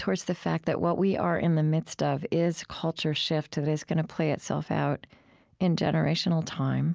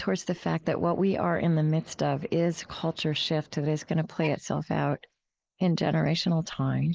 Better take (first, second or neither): first